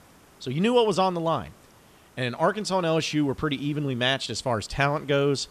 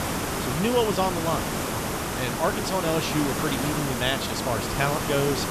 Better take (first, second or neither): first